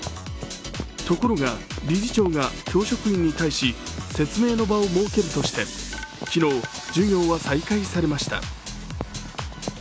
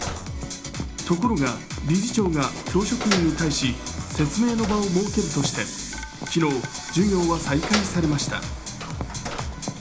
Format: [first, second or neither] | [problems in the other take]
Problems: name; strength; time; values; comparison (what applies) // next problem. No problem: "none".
first | background sound (Door); 12 dB below the speech // room echo; dies away in 0.4 s